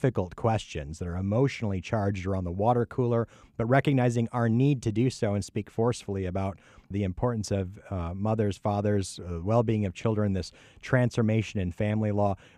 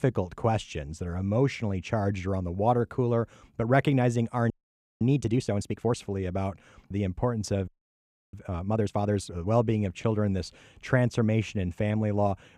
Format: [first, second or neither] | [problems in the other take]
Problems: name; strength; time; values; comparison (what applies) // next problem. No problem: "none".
first | audio freezing; at 4.5 s for 0.5 s and at 7.5 s for 0.5 s